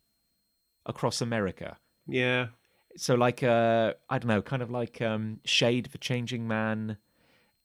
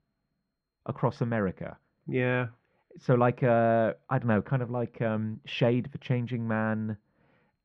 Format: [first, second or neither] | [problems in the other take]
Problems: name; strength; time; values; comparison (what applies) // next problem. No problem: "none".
first | muffled; very; fading above 1.5 kHz